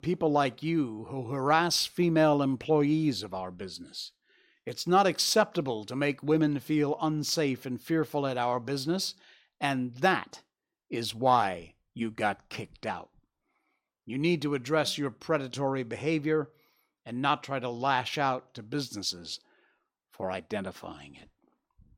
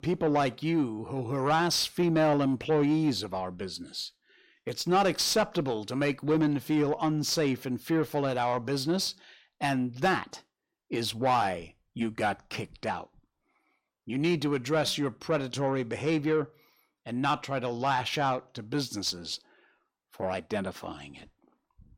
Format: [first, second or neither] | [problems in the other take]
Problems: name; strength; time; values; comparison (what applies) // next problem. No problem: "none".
first | distortion; slight; 10 dB below the speech